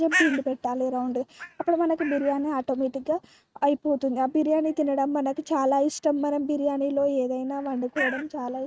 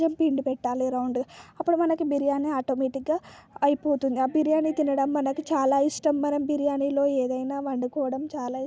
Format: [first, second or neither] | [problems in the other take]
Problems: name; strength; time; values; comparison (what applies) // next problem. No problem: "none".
second | noise reduction (neural mask model RNNoise)